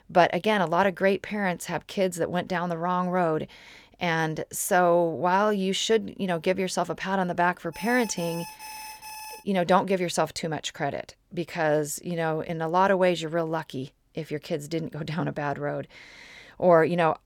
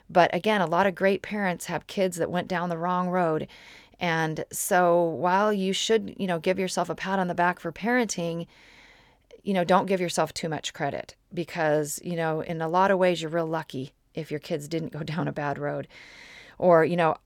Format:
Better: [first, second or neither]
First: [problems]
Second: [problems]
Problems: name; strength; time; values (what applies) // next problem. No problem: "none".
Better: second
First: alarm; faint; from 7.5 to 9.5 s; peak 15 dB below the speech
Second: none